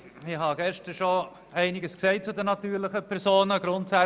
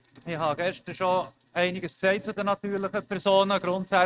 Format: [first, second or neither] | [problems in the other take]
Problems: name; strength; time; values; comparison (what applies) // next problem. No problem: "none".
first | noise reduction (neural mask model RNNoise)